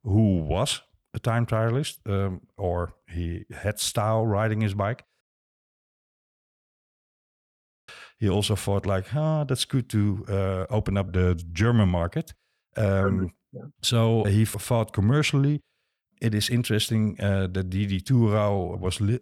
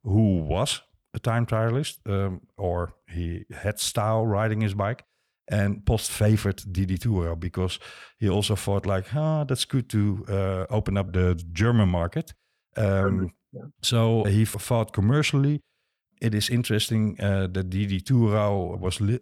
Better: second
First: audio cutting out; at 5 s for 2.5 s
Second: none

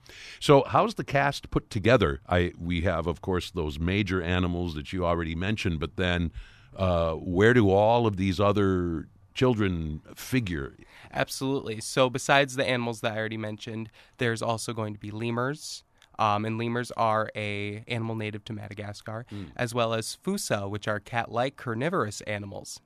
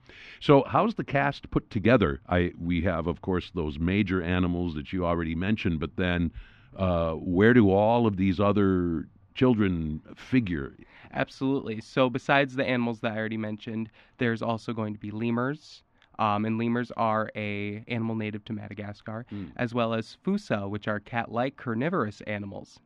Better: first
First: none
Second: muffled; slightly; fading above 2.5 kHz

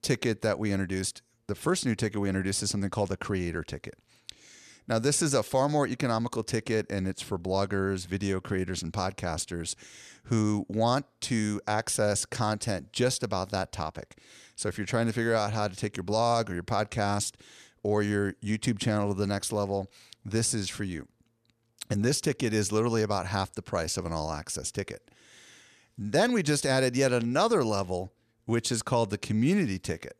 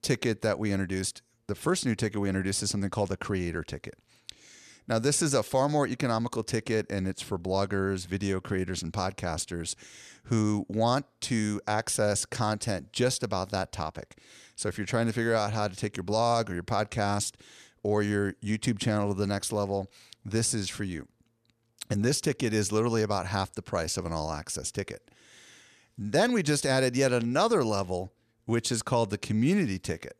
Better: neither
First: none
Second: none

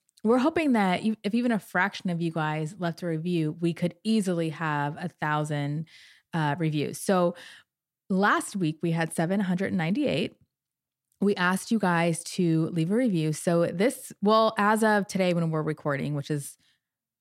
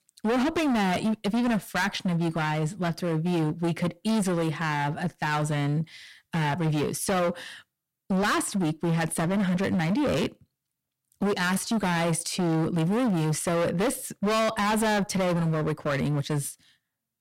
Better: first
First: none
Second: distortion; heavy; 26% of the sound clipped

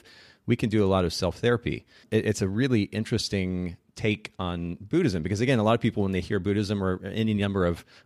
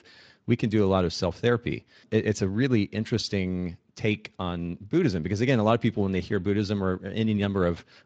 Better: first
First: none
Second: garbled, watery; slightly; nothing above 7.5 kHz

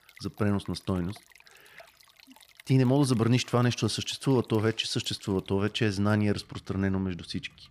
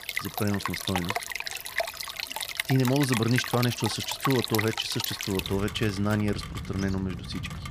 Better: first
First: rain or running water; faint; throughout; 25 dB below the speech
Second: rain or running water; loud; throughout; 4 dB below the speech

